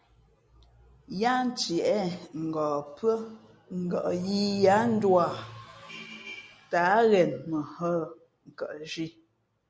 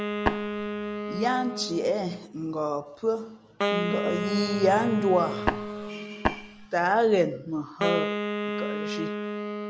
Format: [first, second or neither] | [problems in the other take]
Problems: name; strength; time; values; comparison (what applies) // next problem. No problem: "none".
first | background sound (Tap + Wind instrument, woodwind instrument); 3 dB below the speech